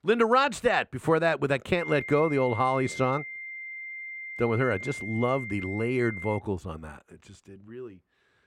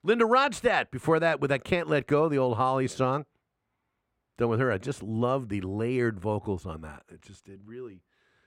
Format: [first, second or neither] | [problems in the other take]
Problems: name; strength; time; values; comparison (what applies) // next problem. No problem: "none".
second | high-pitched whine; loud; from 2 to 6.5 s; 2 kHz, 10 dB below the speech